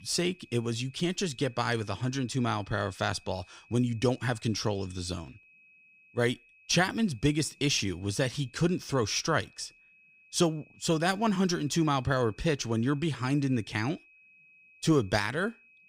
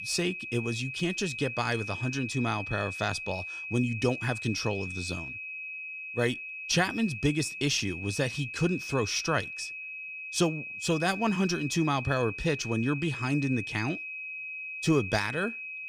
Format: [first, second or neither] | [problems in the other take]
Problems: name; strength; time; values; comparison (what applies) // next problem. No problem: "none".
first | high-pitched whine; loud; throughout; 2.5 kHz, 6 dB below the speech; faint in the first